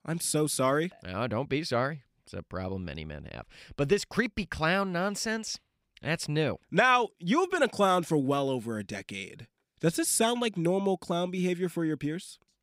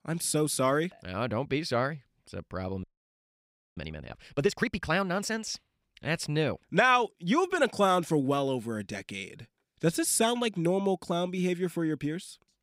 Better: first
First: none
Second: audio freezing; at 3 s for 1 s

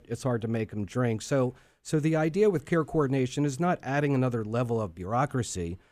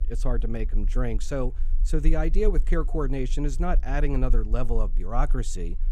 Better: first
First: none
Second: low rumble; faint; throughout; 25 dB below the speech

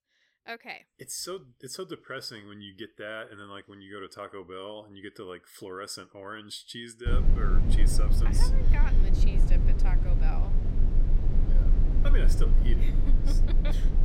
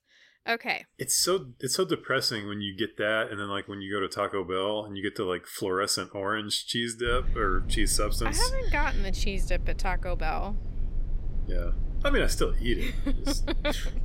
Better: second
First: low rumble; loud; from 7 s on; 3 dB below the speech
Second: low rumble; faint; from 7 s on; 20 dB below the speech

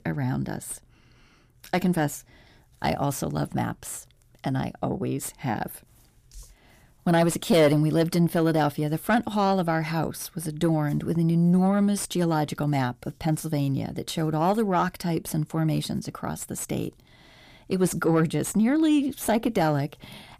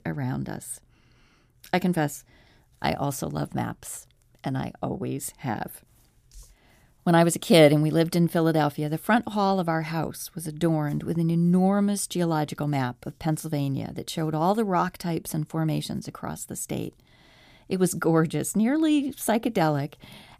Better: second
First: distortion; slight; 10 dB below the speech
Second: none

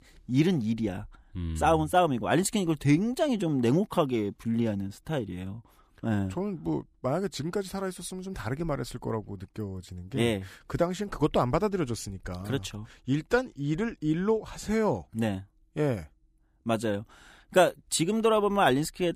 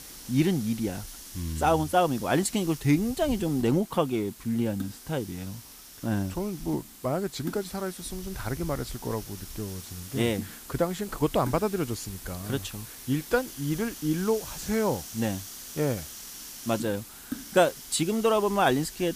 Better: first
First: none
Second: hiss; noticeable; throughout; 10 dB below the speech

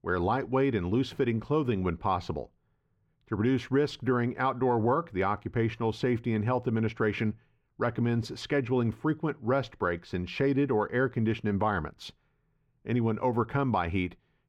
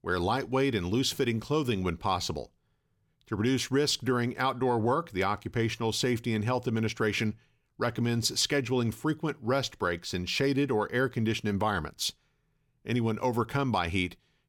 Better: second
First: muffled; very; fading above 3.5 kHz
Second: none

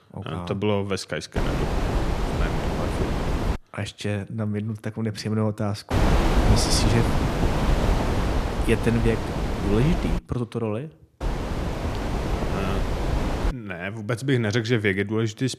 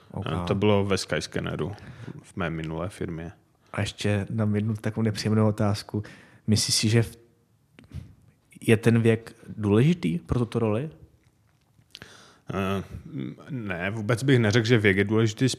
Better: second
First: wind noise on the microphone; heavy; from 1.5 to 3.5 s, from 6 to 10 s and from 11 to 14 s; as loud as the speech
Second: none

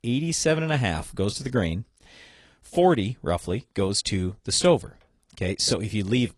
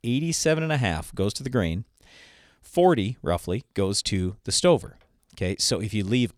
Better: second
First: garbled, watery; slightly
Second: none

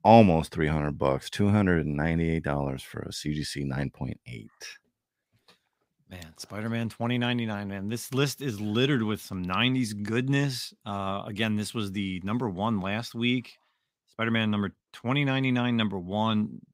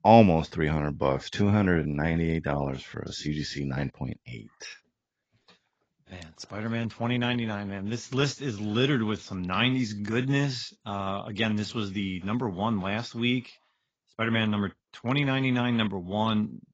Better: first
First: none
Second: garbled, watery; badly; nothing above 7.5 kHz

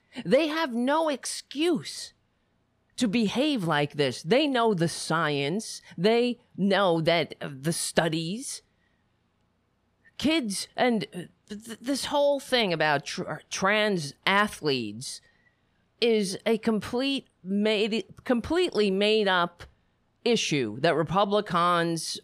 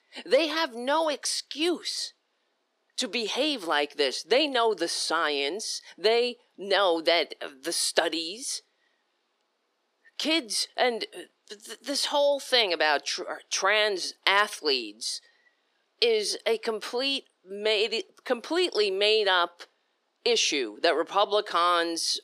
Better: first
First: none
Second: thin; somewhat; fading below 300 Hz

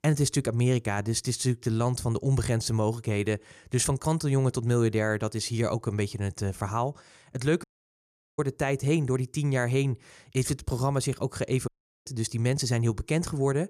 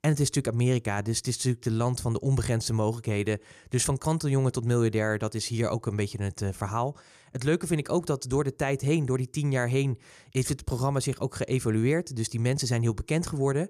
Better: second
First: audio cutting out; at 7.5 s for 0.5 s and at 12 s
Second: none

